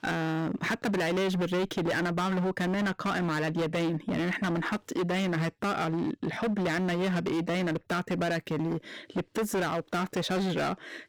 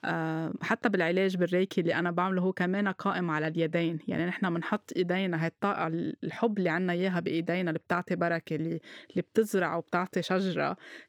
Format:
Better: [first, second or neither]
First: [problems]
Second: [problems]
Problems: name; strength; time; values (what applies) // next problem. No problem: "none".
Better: second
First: distortion; heavy; 27% of the sound clipped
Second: none